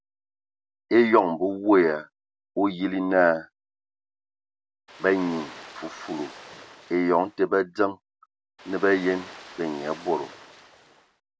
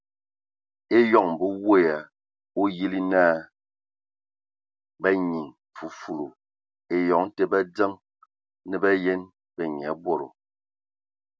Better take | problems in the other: second | background sound (Ocean); 19 dB below the speech

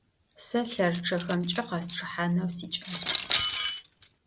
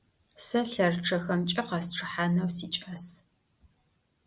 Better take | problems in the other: second | background sound (Cutlery, silverware); 5 dB below the speech

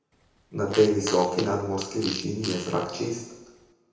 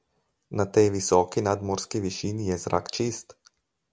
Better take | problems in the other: second | background sound (Fart); 12 dB below the speech // room echo; dies away in 0.9 s

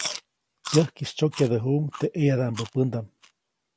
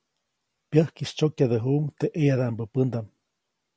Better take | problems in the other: second | background sound (Chewing, mastication); 13 dB below the speech

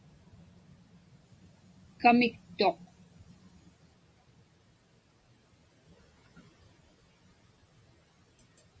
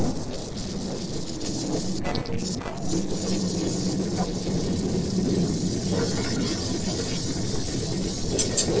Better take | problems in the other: first | noise reduction (neural separator model SepFormer DNS4)

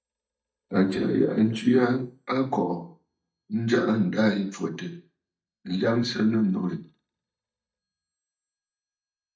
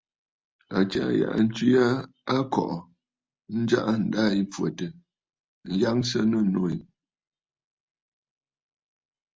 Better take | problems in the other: second | noise reduction (neural mask model DeepFilterNet 3)

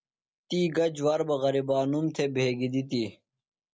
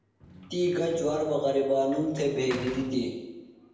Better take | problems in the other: first | background sound (Sliding door / Slam); 17 dB below the speech // room echo; dies away in 0.9 s

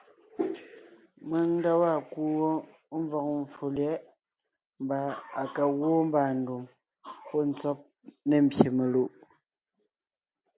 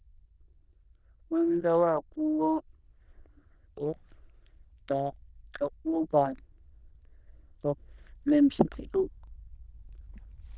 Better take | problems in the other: first | noise reduction (neural diffusion model UNIVERSE++)

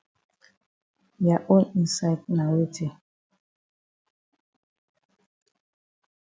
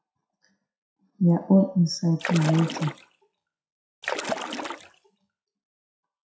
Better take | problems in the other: first | noise reduction (classical method WPE with log-MMSE)

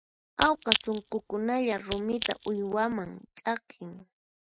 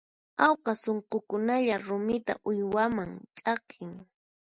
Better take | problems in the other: second | noise reduction (neural mask model RNNoise)

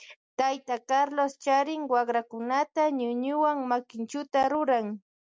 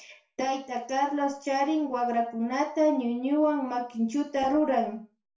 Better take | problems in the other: first | room echo; dies away in 0.3 s

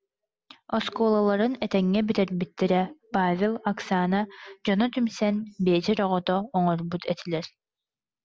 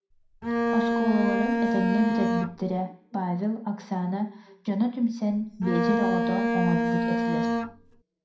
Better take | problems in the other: first | background sound (Bowed string instrument); 2 dB above the speech // room echo; dies away in 0.4 s

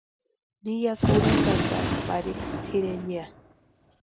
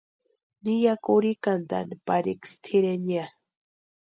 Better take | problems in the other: second | background sound (Gunshot, gunfire); 4 dB above the speech

